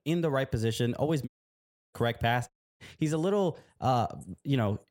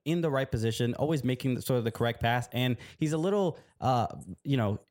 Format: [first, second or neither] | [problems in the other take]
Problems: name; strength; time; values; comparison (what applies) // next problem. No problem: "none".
second | audio cutting out; at 1.5 s for 0.5 s and at 2.5 s